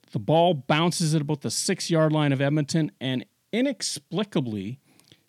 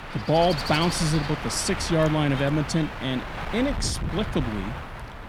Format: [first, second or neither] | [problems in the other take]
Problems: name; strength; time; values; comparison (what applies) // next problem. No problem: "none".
first | wind noise on the microphone; heavy; 5 dB below the speech